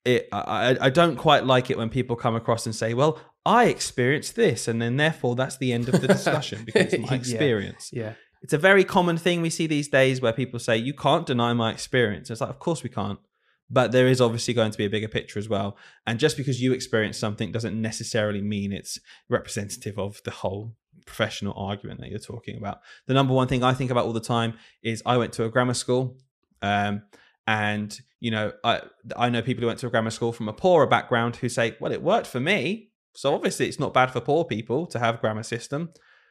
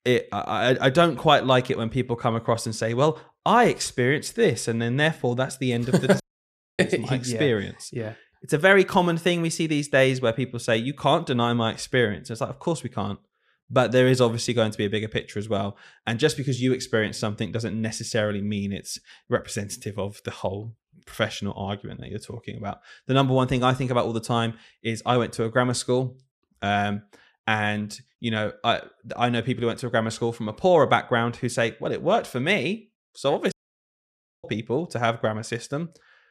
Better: first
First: none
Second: audio cutting out; at 6 s for 0.5 s and at 34 s for 1 s

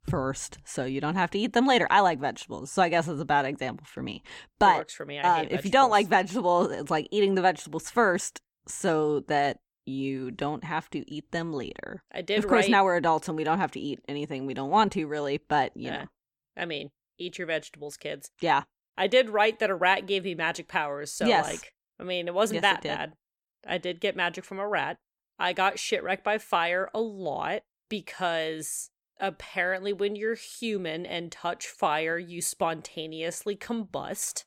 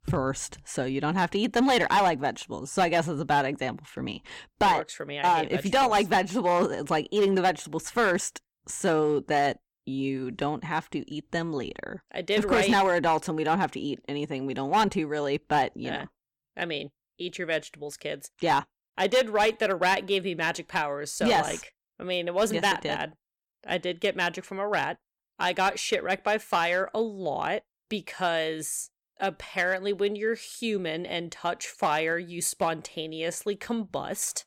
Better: first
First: none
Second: distortion; slight; 3% of the sound clipped

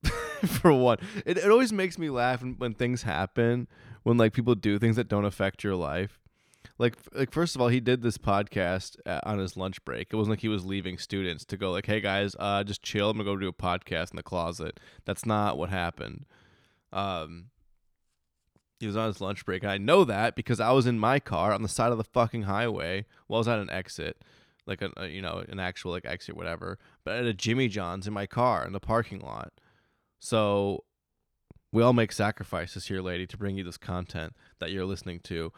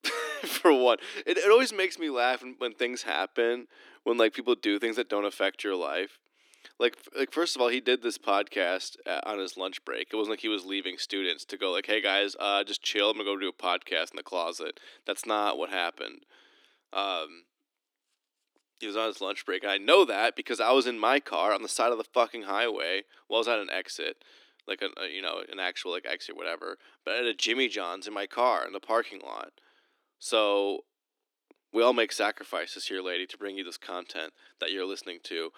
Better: first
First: none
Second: thin; somewhat; fading below 300 Hz

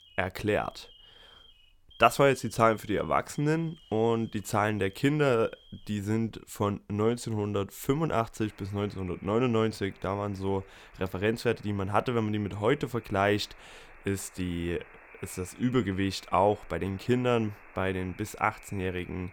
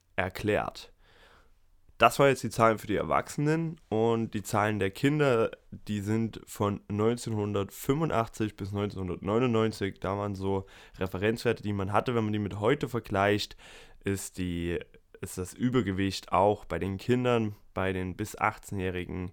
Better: second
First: alarms or sirens; faint; throughout; 25 dB below the speech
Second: none

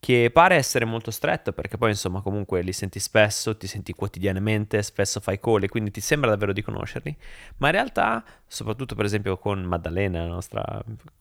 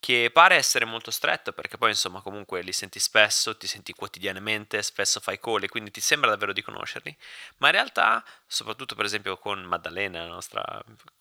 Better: first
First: none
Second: thin; somewhat; fading below 1 kHz

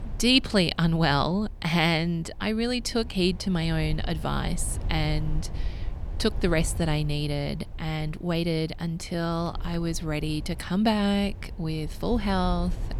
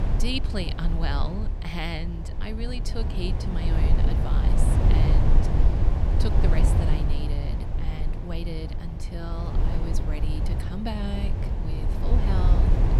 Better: first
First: low rumble; faint; throughout; 20 dB below the speech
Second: low rumble; loud; throughout; 1 dB below the speech

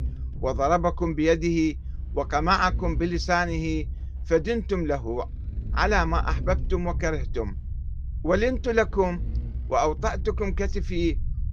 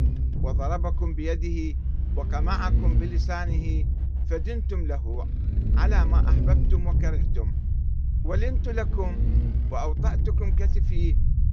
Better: first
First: low rumble; faint; throughout; 25 dB below the speech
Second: low rumble; loud; throughout; 7 dB below the speech

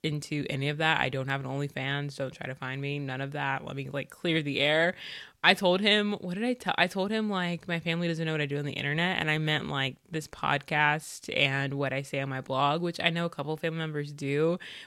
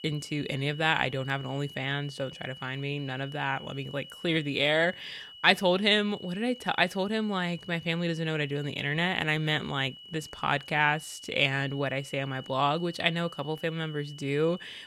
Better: first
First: none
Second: high-pitched whine; noticeable; throughout; 3 kHz, 15 dB below the speech

